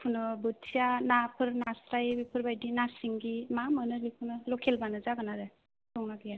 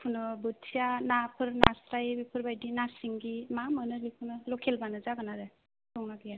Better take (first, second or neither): second